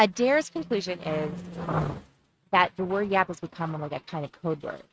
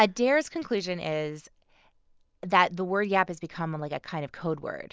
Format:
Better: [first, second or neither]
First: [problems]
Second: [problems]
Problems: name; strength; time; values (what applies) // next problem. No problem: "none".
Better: second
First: noise reduction (neural mask model RNNoise)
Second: none